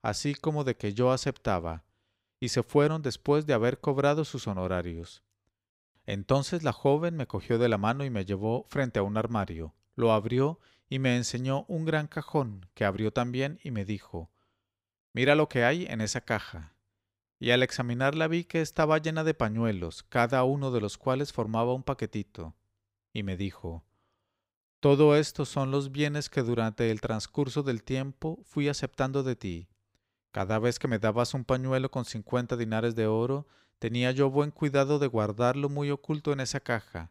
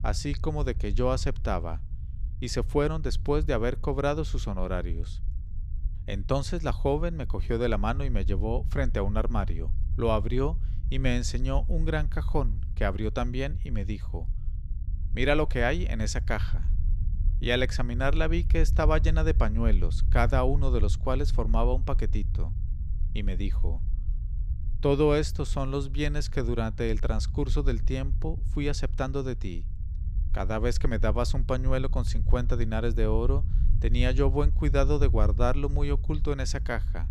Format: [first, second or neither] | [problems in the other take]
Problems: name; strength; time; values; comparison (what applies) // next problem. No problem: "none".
first | low rumble; noticeable; throughout; 20 dB below the speech